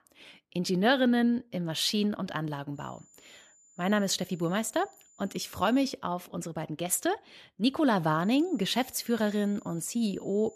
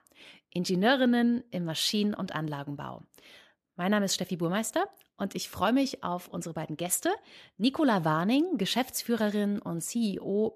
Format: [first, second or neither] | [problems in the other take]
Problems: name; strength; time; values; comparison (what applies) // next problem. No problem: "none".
second | high-pitched whine; faint; from 3 to 6 s and from 8 s on; 7 kHz, 30 dB below the speech